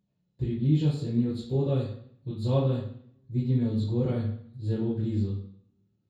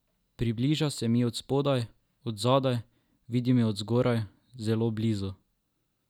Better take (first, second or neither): second